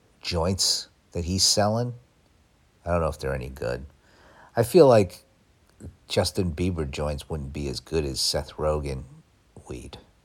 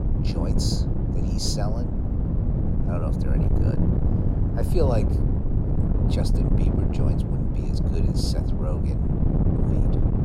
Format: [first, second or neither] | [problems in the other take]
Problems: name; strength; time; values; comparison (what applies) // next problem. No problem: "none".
first | wind noise on the microphone; heavy; as loud as the speech